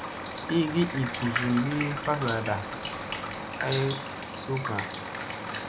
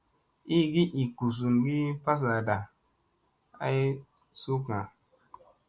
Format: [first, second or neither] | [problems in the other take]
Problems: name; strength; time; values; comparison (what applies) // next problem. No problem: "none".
second | background sound (Truck + Drip); 4 dB below the speech